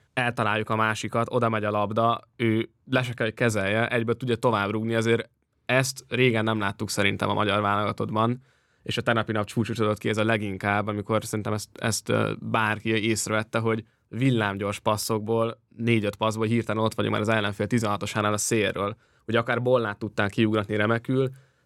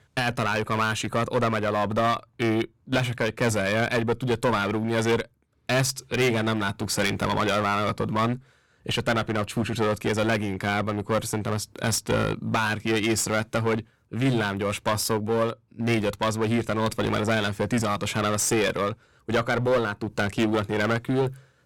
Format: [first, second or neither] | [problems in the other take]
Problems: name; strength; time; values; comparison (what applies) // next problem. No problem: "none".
first | distortion; heavy; 11% of the sound clipped